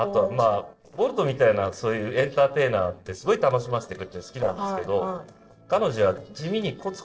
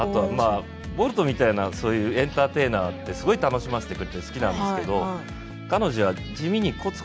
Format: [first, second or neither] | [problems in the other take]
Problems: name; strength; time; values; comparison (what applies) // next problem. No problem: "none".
second | noise reduction (neural separator model SepFormer DNS4)